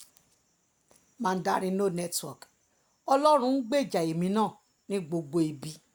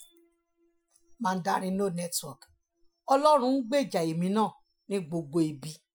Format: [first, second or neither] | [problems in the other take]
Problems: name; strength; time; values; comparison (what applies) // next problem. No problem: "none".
first | noise reduction (classical method Wiener filter)